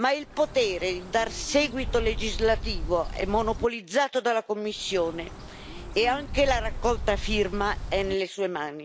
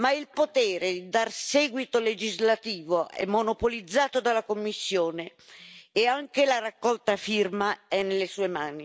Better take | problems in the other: second | background sound (Bird); 7 dB below the speech

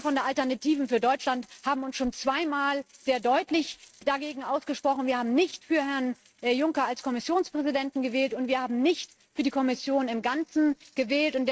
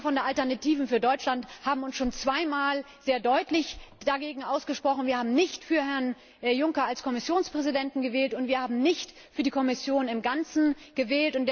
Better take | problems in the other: second | noise reduction (neural mask model RNNoise)

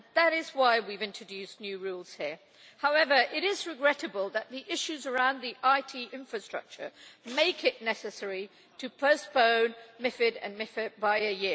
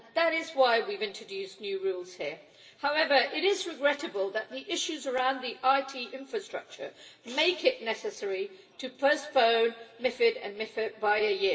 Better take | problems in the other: first | room echo; dies away in 0.8 s

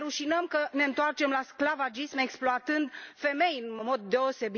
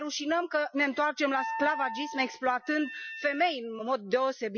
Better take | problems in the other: first | noise reduction (classical method Wiener filter)

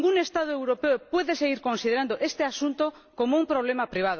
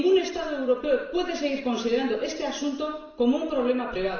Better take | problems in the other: first | room echo; dies away in 0.7 s

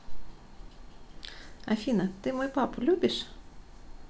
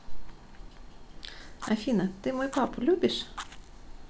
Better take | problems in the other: first | background sound (Fire); 19 dB below the speech

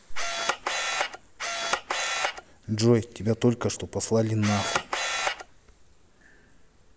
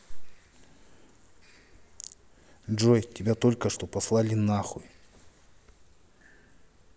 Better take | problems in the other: second | background sound (Camera); as loud as the speech

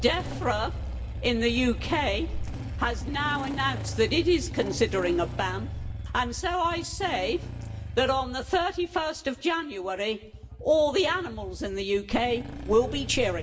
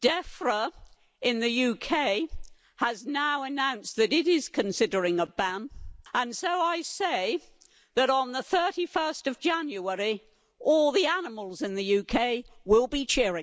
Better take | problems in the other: second | background sound (Engine starting / Motorcycle); 8 dB below the speech // room echo; dies away in 0.7 s

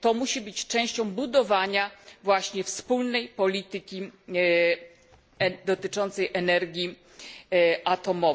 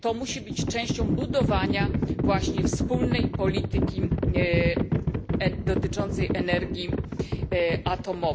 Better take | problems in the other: first | background sound (Livestock, farm animals, working animals); 3 dB above the speech

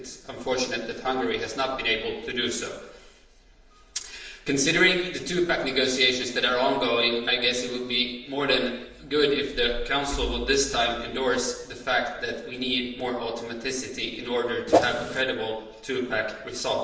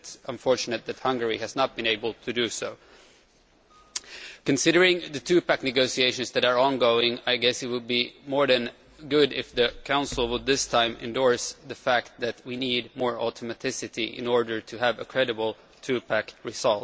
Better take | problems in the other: second | background sound (Whoosh, swoosh, swish); 4 dB above the speech // room echo; dies away in 0.8 s

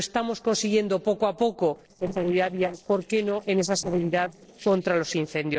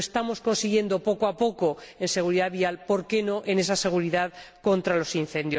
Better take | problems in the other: second | noise reduction (neural separator model SepFormer DNS4)

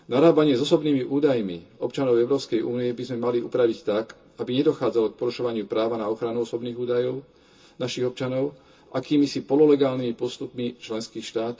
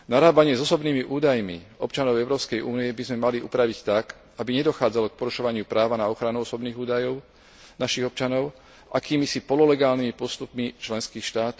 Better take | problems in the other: second | room echo; dies away in 0.2 s

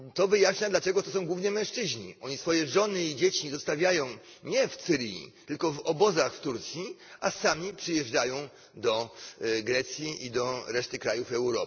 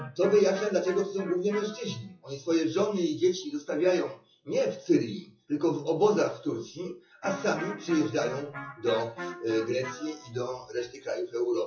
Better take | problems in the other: first | noise reduction (classical method WPE with log-MMSE)

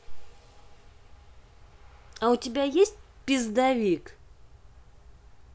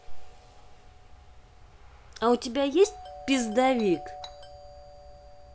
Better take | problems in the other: first | background sound (Doorbell); 17 dB below the speech

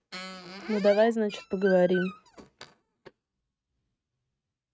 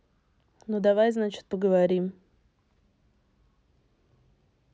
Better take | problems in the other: second | noise reduction (neural mask model RNNoise)

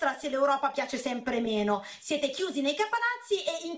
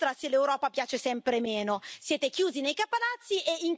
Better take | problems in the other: second | room echo; dies away in 0.4 s

